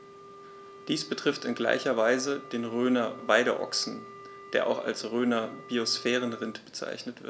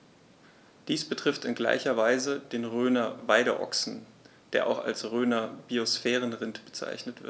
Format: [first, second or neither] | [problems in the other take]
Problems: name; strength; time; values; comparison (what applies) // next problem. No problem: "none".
second | background sound (Wind instrument, woodwind instrument); 18 dB below the speech